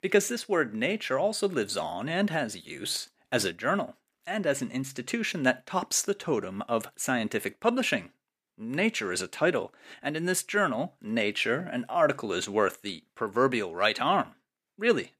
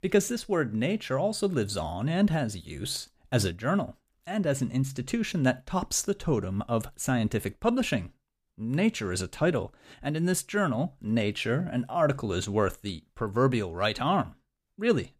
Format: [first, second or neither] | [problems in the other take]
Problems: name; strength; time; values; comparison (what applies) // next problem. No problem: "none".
second | thin; very slightly; fading below 250 Hz